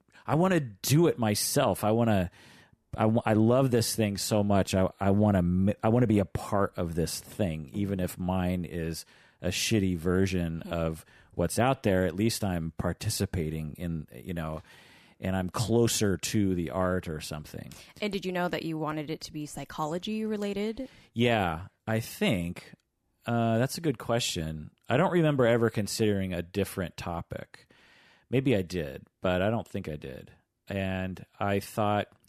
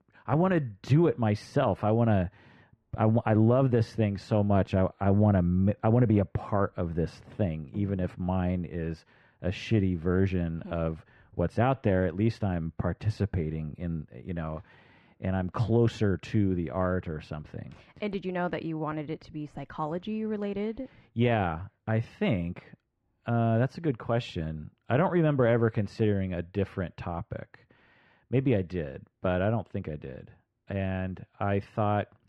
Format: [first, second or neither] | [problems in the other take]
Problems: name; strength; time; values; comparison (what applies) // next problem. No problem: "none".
first | muffled; very; fading above 2 kHz